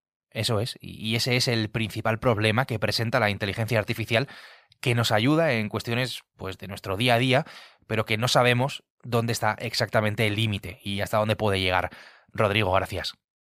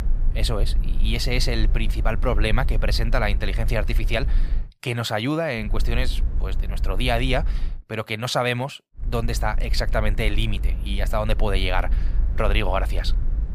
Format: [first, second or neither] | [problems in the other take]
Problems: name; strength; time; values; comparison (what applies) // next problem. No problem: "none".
first | low rumble; noticeable; until 4.5 s, from 5.5 to 7.5 s and from 9 s on; 20 dB below the speech